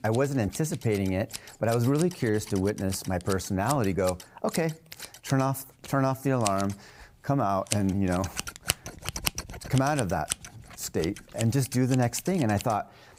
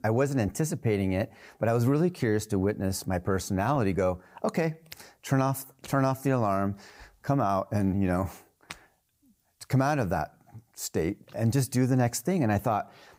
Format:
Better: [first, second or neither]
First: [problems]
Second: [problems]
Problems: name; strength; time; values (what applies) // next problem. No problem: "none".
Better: second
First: household noises; loud; throughout; 9 dB below the speech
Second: none